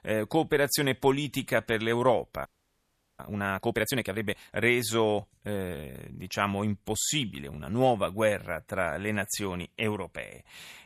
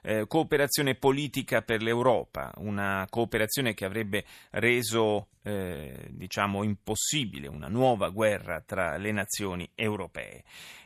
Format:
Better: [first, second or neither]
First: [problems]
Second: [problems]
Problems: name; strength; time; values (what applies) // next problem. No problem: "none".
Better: second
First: audio freezing; at 2.5 s for 0.5 s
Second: none